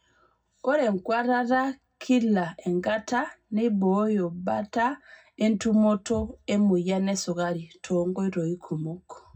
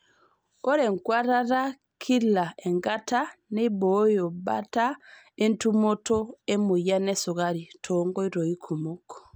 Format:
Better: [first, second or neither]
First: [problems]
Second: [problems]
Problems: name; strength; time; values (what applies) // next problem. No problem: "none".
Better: second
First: room echo; dies away in 0.4 s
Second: none